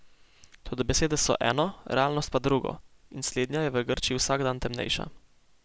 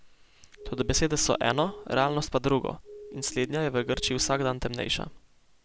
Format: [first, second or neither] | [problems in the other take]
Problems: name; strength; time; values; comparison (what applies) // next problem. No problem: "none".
first | background sound (Siren); 15 dB below the speech